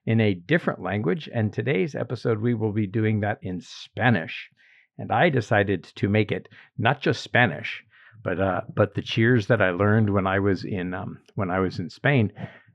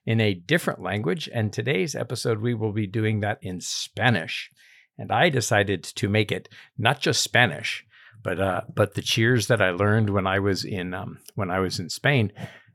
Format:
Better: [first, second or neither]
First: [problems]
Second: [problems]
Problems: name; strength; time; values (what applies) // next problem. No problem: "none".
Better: second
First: muffled; slightly; fading above 2.5 kHz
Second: none